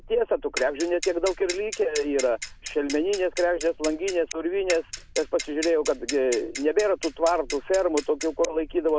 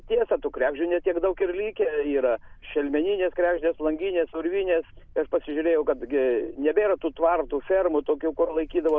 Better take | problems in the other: second | background sound (Clock); 12 dB below the speech

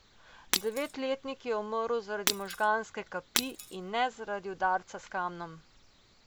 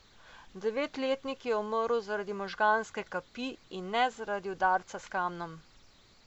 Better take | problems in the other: second | background sound (Shatter); 1 dB below the speech

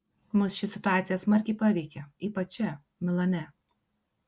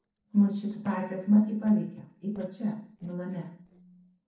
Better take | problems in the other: first | noise reduction (neural separator model SepFormer DNS4)

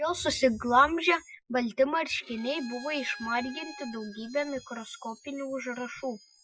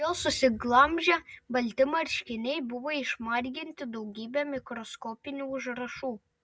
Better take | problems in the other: second | noise reduction (classical method Wiener filter)

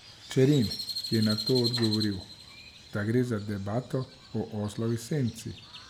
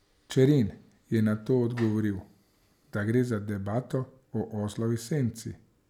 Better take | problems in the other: second | background sound (Crow); 10 dB below the speech

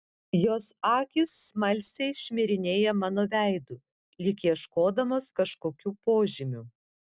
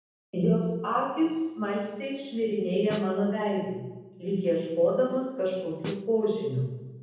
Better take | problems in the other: first | background sound (Snare drum); 15 dB below the speech // room echo; dies away in 1.1 s

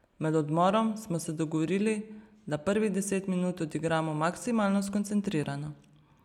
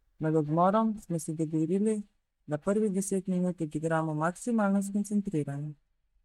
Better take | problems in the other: first | noise reduction (neural mask model DeepFilterNet 3)

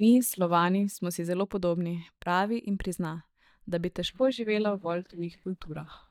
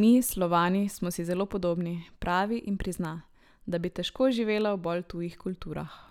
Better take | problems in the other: second | noise reduction (neural mask model DeepFilterNet 3)

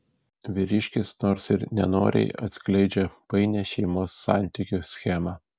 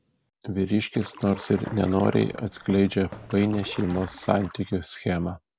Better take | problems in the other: first | background sound (Walk, footsteps + Stream); 17 dB below the speech

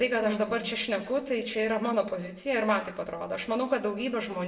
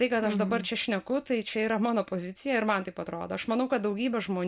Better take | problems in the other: second | room echo; dies away in 0.6 s

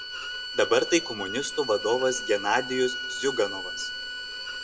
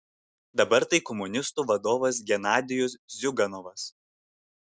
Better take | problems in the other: second | background sound (Bowed string instrument); 7 dB below the speech // room echo; dies away in 0.9 s

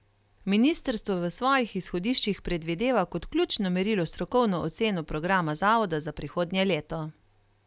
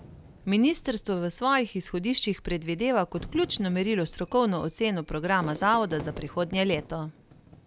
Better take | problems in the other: first | background sound (Fireworks); 19 dB below the speech

